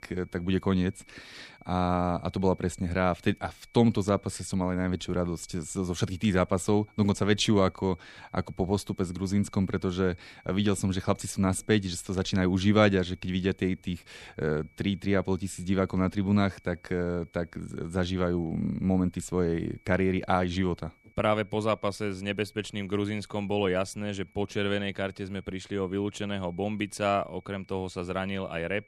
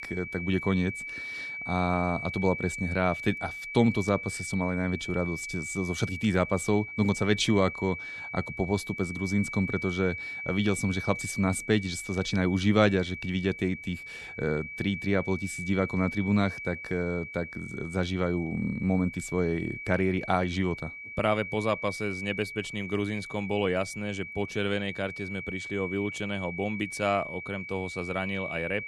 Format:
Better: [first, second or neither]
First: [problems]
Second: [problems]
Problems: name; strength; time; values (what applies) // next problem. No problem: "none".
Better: first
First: high-pitched whine; faint; throughout; 2.5 kHz, 30 dB below the speech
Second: high-pitched whine; loud; throughout; 2.5 kHz, 7 dB below the speech